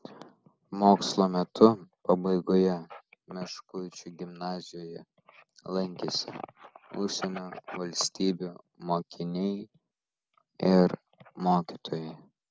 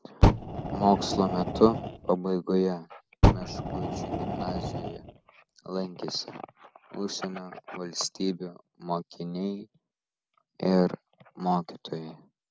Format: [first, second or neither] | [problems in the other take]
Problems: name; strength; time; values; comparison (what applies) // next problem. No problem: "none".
first | background sound (Fire); 2 dB above the speech